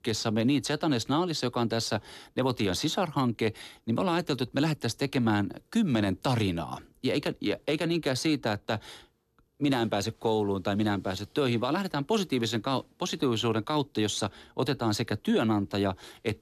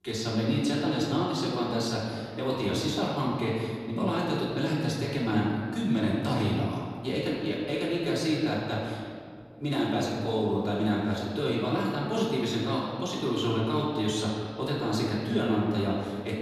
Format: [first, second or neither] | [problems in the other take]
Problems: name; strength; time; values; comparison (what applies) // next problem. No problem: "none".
first | room echo; noticeable; dies away in 1.8 s // off-mic speech; far